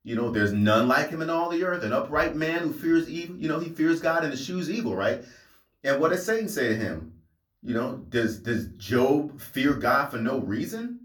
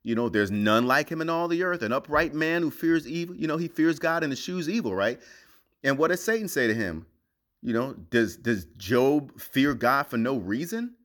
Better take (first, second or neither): second